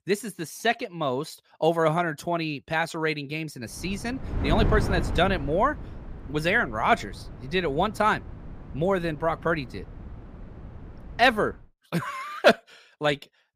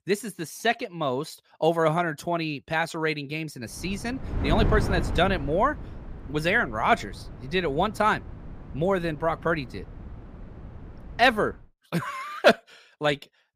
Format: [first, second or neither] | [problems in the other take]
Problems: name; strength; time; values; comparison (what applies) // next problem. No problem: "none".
neither | wind noise on the microphone; occasional gusts; from 3.5 to 12 s; 15 dB below the speech; the same in both